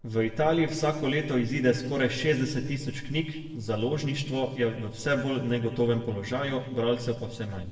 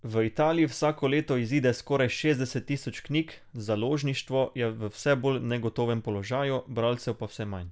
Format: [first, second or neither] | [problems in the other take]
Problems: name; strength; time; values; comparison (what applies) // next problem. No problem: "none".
second | noise reduction (neural separator model SepFormer DNS4)